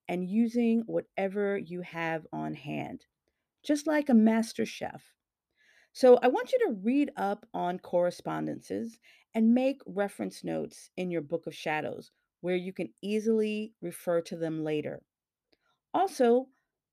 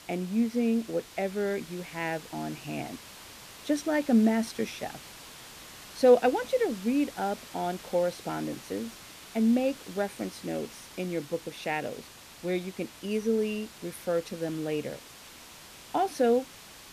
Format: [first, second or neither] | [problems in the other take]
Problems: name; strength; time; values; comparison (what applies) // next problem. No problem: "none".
first | hiss; noticeable; throughout; 15 dB below the speech